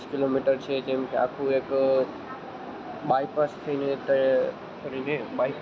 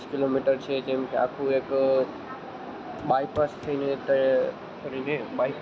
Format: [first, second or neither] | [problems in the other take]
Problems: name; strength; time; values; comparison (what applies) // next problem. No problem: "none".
first | background sound (Walk, footsteps / Run / Wood); 18 dB below the speech